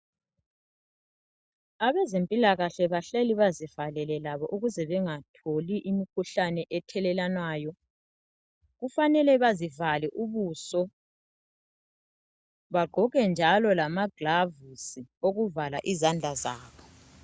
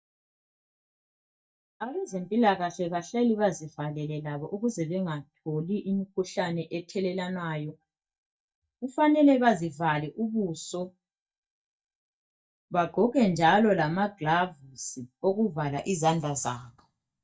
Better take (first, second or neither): first